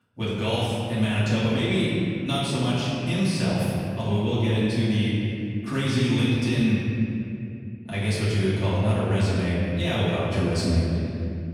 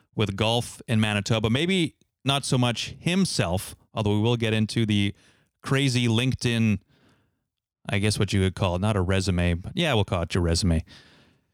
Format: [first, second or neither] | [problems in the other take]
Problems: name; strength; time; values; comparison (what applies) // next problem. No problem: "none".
second | off-mic speech; far // room echo; strong; dies away in 2.8 s